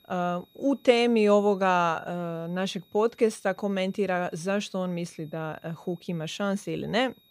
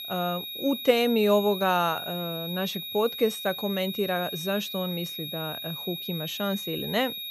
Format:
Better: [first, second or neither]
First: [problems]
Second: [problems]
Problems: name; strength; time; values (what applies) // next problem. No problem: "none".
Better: first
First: high-pitched whine; faint; throughout; 4 kHz, 35 dB below the speech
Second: high-pitched whine; loud; throughout; 4 kHz, 6 dB below the speech